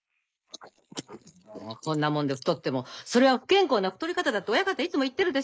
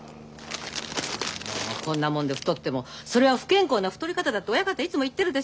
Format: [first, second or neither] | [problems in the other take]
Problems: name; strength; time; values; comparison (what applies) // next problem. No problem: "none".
second | noise reduction (neural mask model Resemble Enhance denoiser)